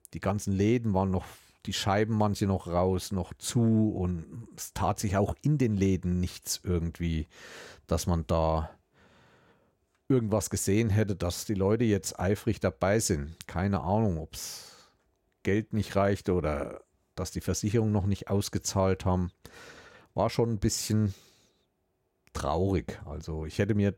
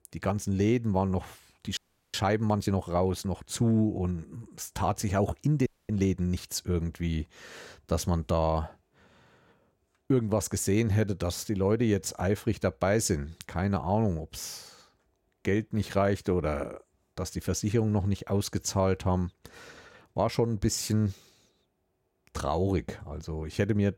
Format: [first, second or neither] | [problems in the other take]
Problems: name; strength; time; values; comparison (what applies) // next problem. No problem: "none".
first | audio freezing; at 2 s and at 5.5 s